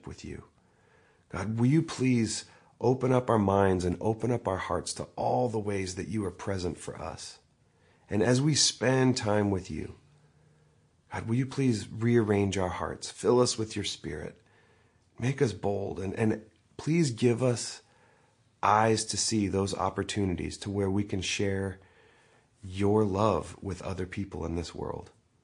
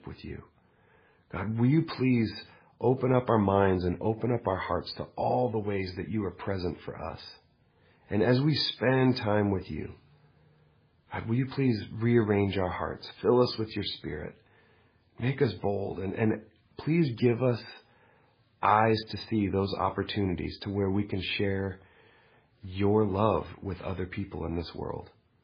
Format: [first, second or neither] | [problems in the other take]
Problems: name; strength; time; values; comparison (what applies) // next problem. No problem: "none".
first | garbled, watery; badly; slightly in the first